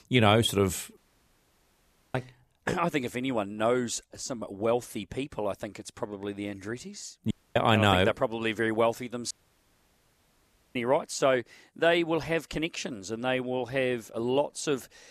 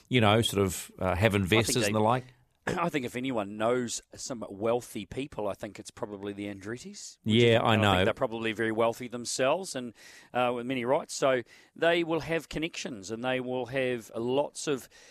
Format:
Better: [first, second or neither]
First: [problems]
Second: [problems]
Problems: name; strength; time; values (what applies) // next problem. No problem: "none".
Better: second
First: audio cutting out; at 1 s for 1 s, at 7.5 s and at 9.5 s for 1.5 s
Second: none